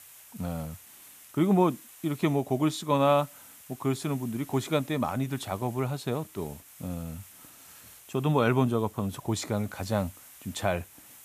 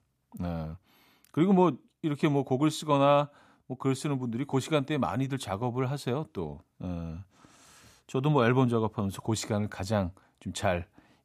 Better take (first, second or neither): second